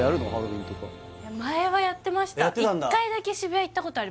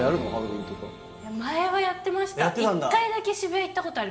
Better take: first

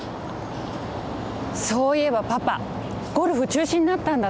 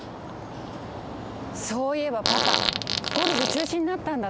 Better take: first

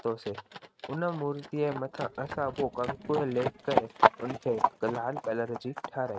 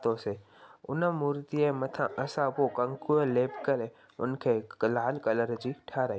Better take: second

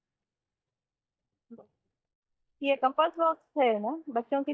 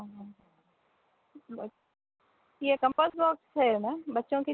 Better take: second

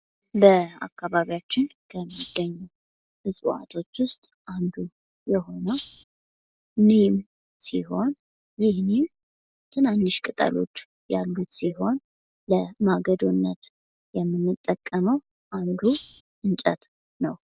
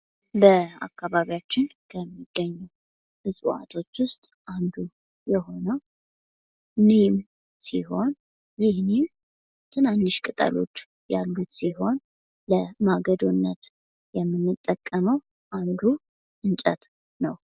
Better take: second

